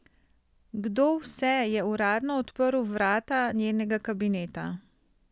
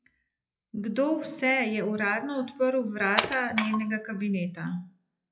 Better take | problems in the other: first | noise reduction (classical method WPE with log-MMSE)

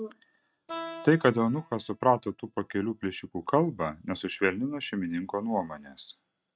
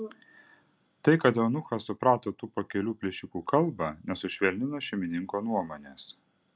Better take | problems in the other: second | noise reduction (neural mask model RNNoise)

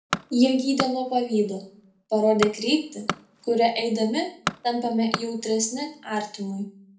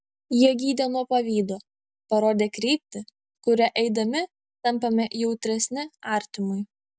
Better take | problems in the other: second | background sound (Tools); 10 dB below the speech // room echo; dies away in 0.4 s

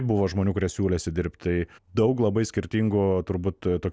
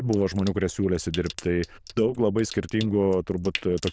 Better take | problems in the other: first | noise reduction (neural diffusion model UNIVERSE++)

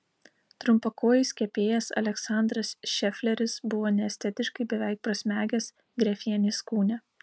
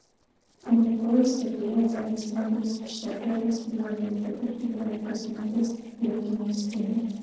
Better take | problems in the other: first | noise reduction (neural separator model SepFormer DNS4)

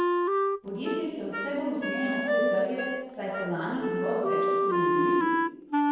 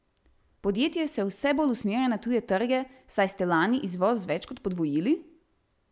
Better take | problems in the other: second | background sound (Wind instrument, woodwind instrument); 5 dB above the speech // room echo; dies away in 1.2 s

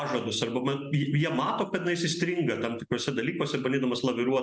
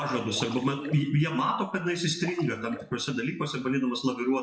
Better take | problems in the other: first | noise reduction (classical method WPE with log-MMSE)

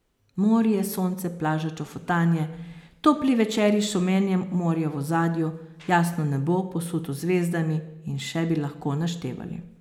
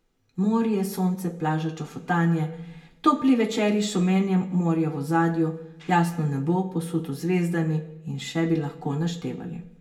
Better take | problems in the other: first | room echo; dies away in 0.2 s

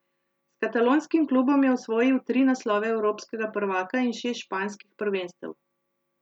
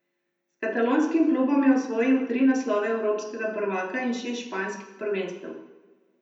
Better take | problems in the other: first | room echo; dies away in 0.8 s

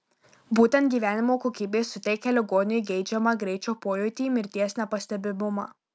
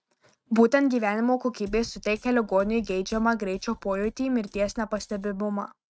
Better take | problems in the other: first | noise reduction (neural mask model RNNoise)

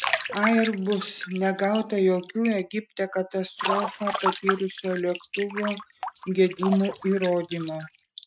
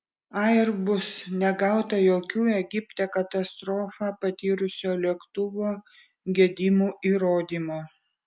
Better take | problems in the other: second | noise reduction (neural mask model RNNoise)

